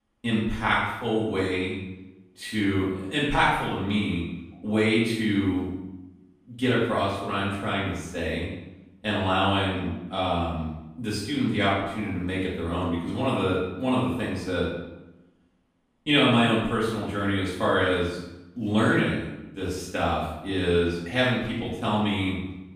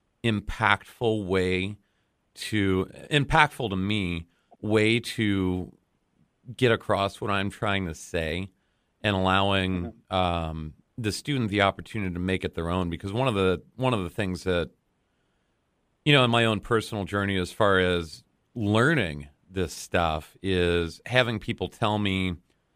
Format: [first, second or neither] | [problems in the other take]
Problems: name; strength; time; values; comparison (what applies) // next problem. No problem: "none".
second | off-mic speech; far // room echo; noticeable; dies away in 0.8 s